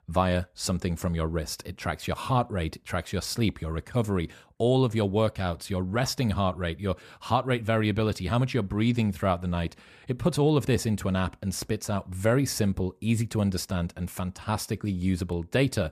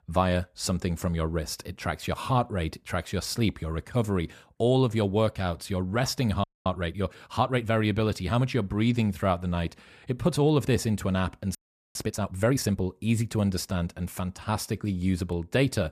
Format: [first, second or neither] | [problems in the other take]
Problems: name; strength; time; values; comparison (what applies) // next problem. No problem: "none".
first | audio freezing; at 6.5 s and at 12 s